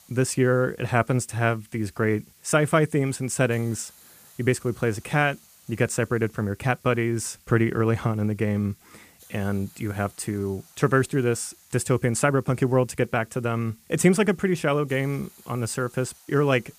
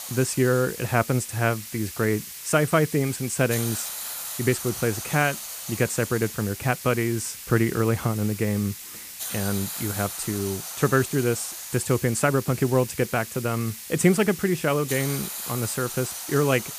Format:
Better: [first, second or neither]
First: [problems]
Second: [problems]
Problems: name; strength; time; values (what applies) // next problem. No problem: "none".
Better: first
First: hiss; faint; throughout; 25 dB below the speech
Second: hiss; loud; throughout; 8 dB below the speech